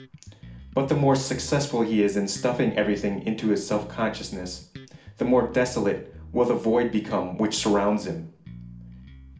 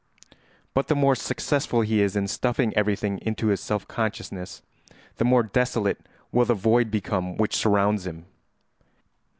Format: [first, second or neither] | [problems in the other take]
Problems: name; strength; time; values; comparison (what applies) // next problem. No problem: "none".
second | background sound (Bass guitar); 19 dB below the speech // room echo; dies away in 0.4 s